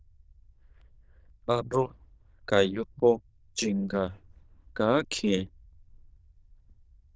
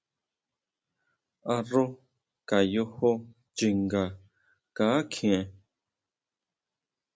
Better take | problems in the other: second | noise reduction (neural diffusion model UNIVERSE++)

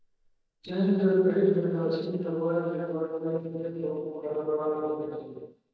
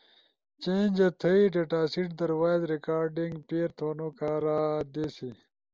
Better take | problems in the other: second | noise reduction (neural mask model DeepFilterNet 3)

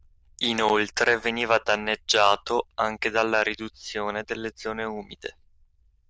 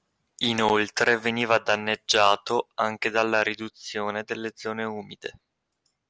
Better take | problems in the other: second | noise reduction (neural diffusion model UNIVERSE++)

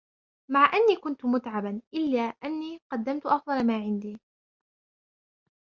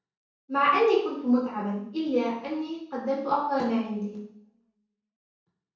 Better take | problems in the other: first | room echo; dies away in 0.7 s

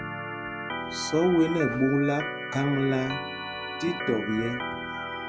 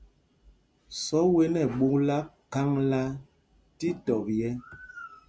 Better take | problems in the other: second | background sound (Organ); 6 dB below the speech

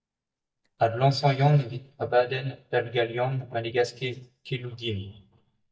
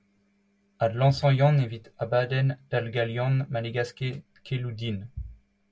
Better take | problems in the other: second | noise reduction (neural mask model DeepFilterNet 3)

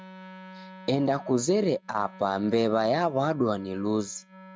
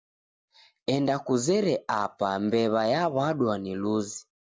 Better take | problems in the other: second | noise reduction (neural mask model RNNoise)

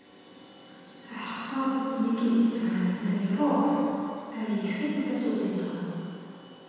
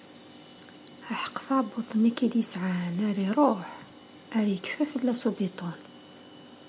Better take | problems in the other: second | room echo; dies away in 2.1 s

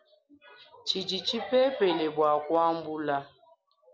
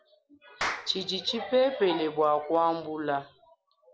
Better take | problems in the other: first | background sound (Clapping); 12 dB below the speech

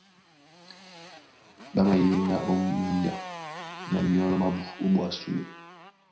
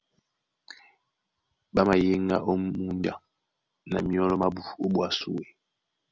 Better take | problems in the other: second | background sound (Motorcycle); 13 dB below the speech // room echo; dies away in 0.5 s

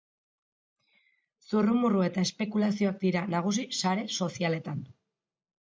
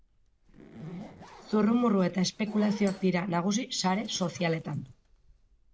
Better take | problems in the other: first | background sound (Zipper (clothing)); 19 dB below the speech

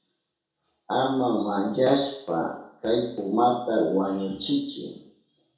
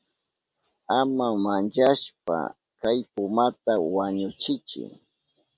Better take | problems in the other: second | room echo; dies away in 0.5 s

